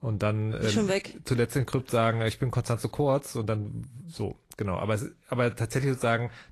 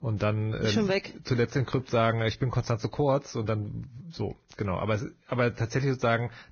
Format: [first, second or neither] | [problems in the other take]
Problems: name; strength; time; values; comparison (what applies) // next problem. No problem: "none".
first | garbled, watery; badly; nothing above 6.5 kHz; slightly in the first